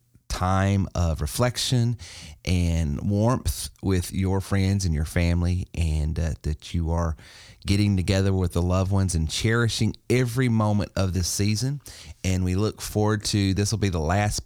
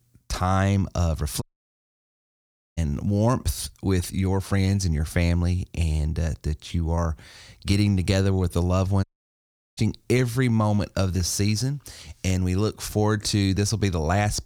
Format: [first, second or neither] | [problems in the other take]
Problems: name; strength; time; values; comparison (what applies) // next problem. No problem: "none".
first | audio cutting out; at 1.5 s for 1.5 s and at 9 s for 0.5 s